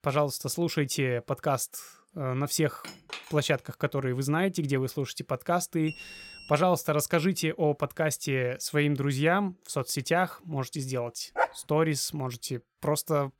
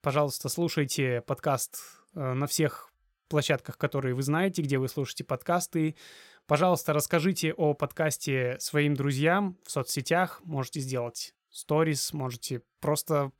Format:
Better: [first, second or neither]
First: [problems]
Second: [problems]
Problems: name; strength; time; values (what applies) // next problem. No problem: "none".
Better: second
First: clattering dishes; faint; at 3 s; peak 10 dB below the speech // alarm; faint; at 6 s; peak 15 dB below the speech // dog barking; noticeable; at 11 s; peak 1 dB below the speech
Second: none